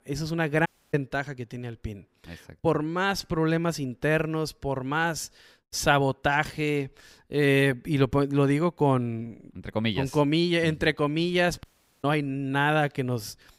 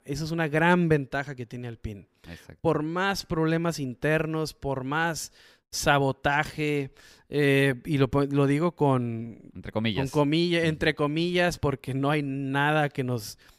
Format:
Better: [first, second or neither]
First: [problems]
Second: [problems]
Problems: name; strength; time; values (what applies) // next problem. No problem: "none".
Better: second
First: audio cutting out; at 0.5 s and at 12 s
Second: none